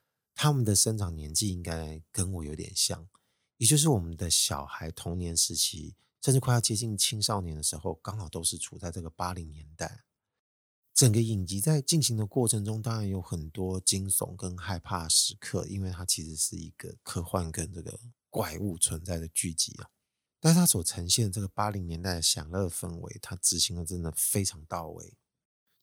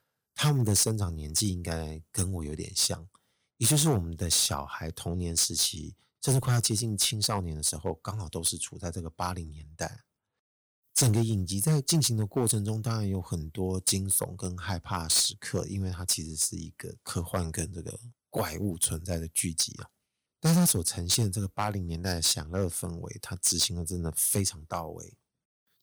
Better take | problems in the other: first | distortion; slight; 3% of the sound clipped

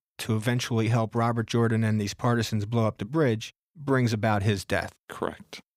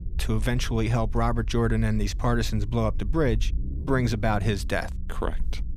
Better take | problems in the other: first | low rumble; faint; throughout; 20 dB below the speech

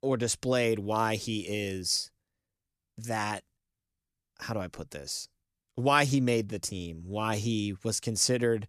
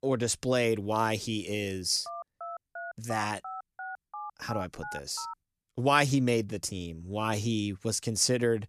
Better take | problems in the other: first | phone ringing; faint; from 2 to 5.5 s; peak 10 dB below the speech

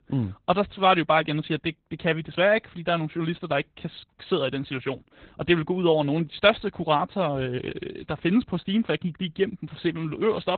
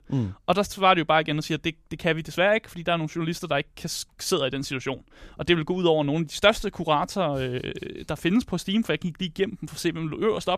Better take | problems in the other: second | garbled, watery; badly; nothing above 3.5 kHz

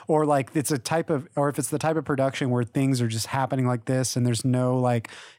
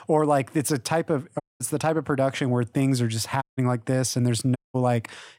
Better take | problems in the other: first | audio cutting out; at 1.5 s, at 3.5 s and at 4.5 s

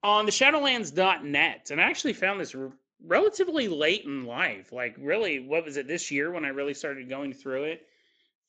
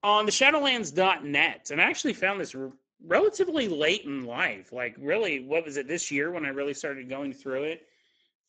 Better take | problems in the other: first | garbled, watery; badly; nothing above 7.5 kHz; slightly in the first

